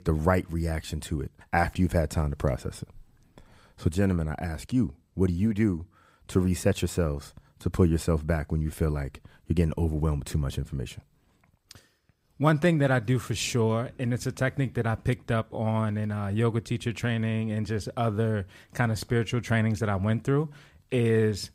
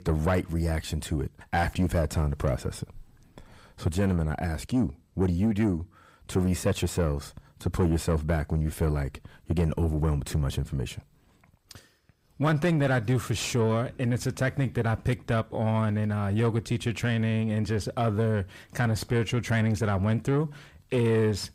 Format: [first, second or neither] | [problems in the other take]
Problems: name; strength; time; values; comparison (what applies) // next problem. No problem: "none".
first | distortion; slight; 10 dB below the speech